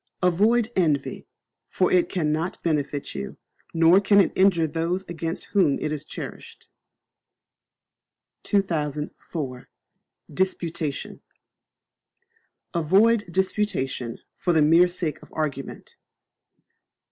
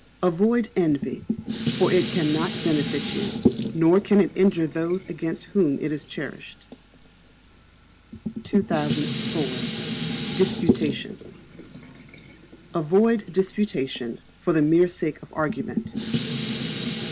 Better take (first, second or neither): first